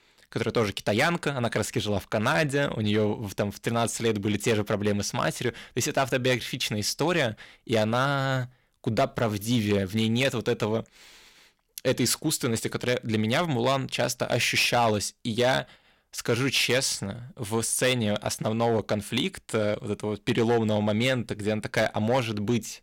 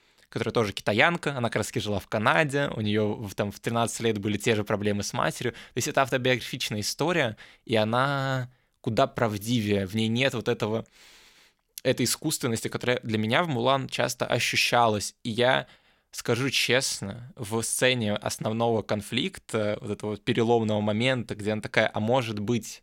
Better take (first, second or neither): second